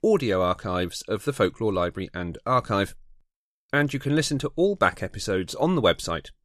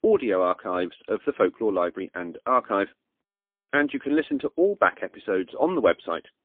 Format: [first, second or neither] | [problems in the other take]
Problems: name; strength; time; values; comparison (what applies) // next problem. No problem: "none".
first | phone-call audio; poor line